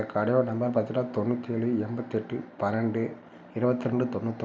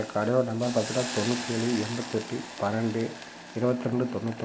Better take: first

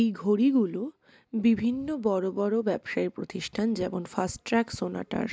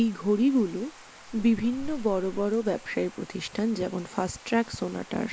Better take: first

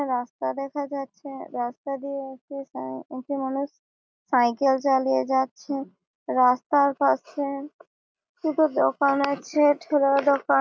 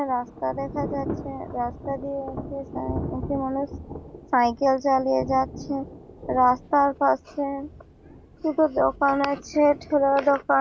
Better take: first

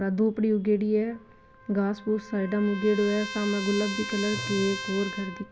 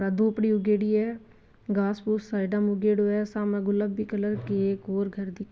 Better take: second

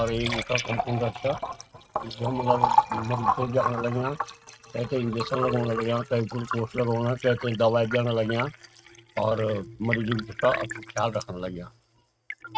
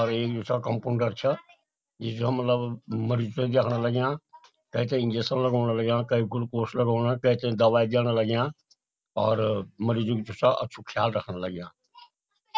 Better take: second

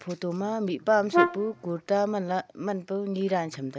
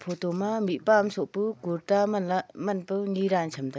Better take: second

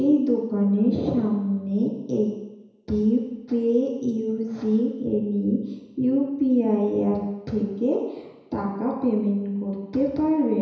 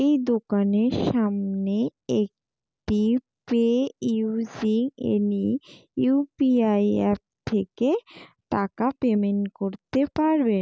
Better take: second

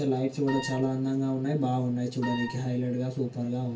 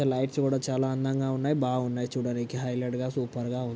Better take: second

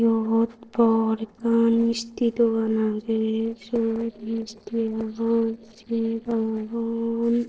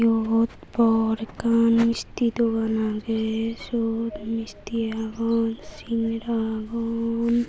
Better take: second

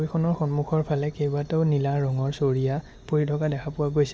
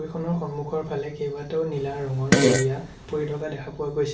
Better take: first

